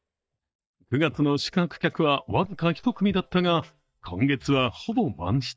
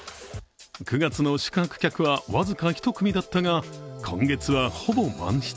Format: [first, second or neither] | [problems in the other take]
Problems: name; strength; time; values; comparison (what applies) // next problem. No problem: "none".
second | noise reduction (neural mask model DeepFilterNet 3)